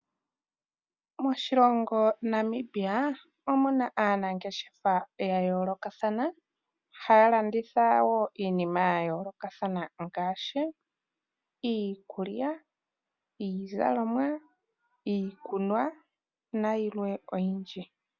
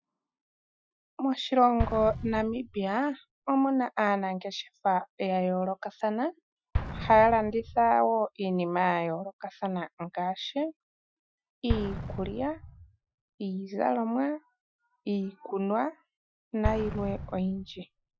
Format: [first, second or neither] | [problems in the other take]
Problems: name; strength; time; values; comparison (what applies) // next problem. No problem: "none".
first | noise reduction (classical method Wiener filter)